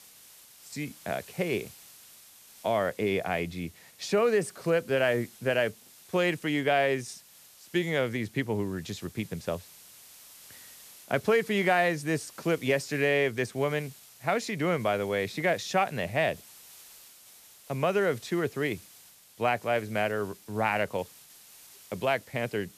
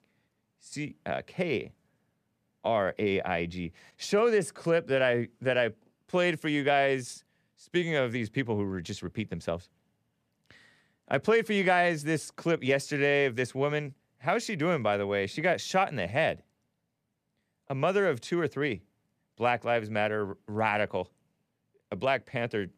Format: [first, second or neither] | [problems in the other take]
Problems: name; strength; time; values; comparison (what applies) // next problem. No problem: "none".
second | hiss; faint; throughout; 20 dB below the speech